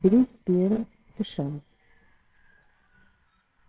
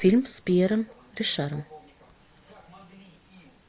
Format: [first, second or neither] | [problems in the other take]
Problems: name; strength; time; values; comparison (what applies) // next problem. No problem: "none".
second | noise reduction (neural separator model SepFormer WHAMR!)